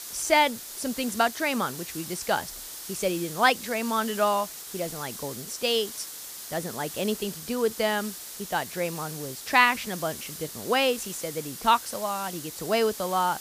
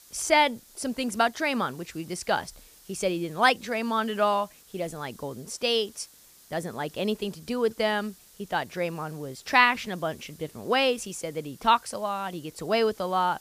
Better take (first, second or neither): second